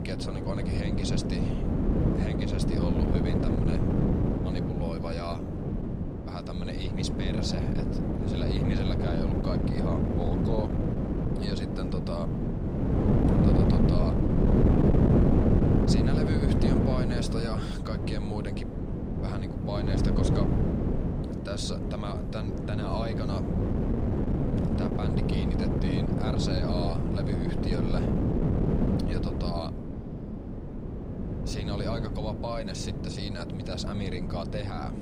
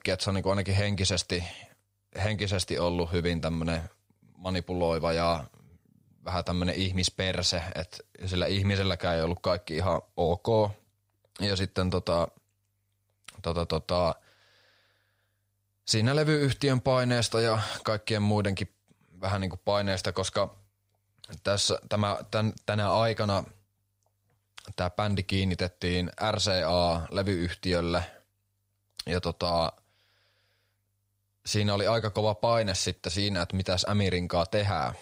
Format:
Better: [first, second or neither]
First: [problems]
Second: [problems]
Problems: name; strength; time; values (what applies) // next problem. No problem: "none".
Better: second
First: wind noise on the microphone; heavy; 3 dB above the speech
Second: none